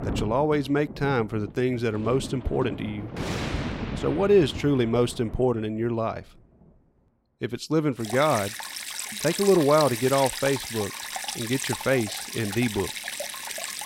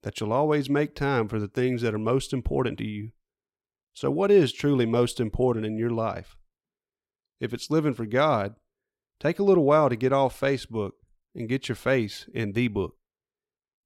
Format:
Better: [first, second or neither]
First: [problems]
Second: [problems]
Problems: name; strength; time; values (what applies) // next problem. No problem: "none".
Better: second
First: rain or running water; loud; throughout; 8 dB below the speech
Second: none